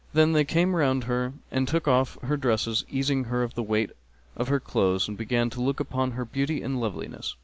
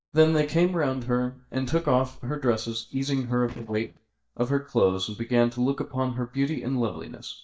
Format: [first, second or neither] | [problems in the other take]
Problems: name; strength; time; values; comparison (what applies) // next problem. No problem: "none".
first | noise reduction (neural mask model DeepFilterNet 3)